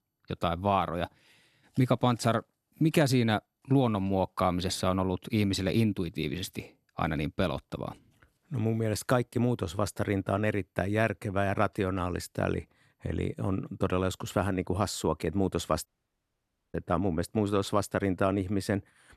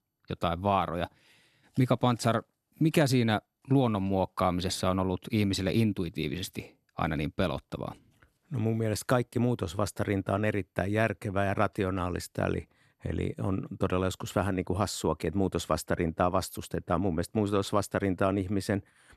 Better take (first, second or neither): second